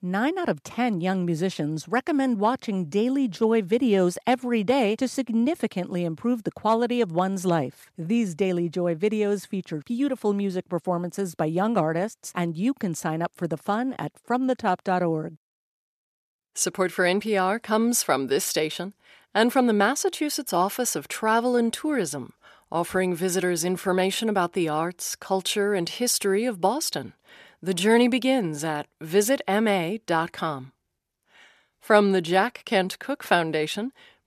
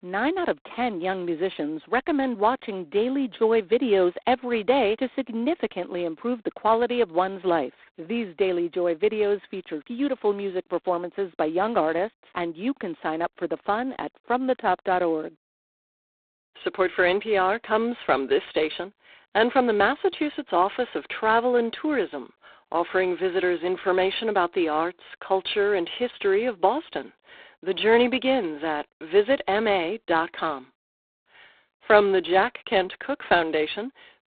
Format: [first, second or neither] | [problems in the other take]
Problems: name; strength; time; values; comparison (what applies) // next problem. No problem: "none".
first | phone-call audio; poor line; nothing above 4 kHz